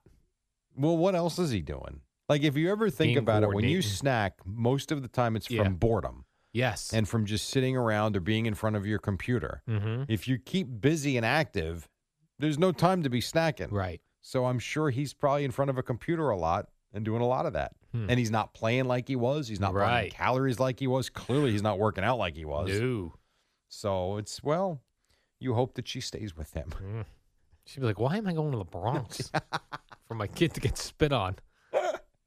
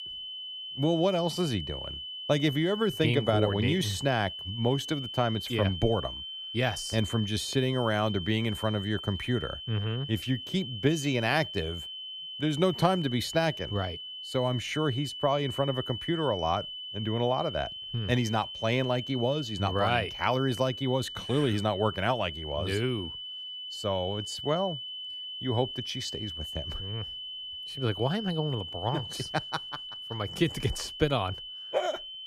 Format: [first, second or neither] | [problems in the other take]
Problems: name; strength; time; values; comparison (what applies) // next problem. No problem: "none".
first | high-pitched whine; loud; throughout; 3 kHz, 7 dB below the speech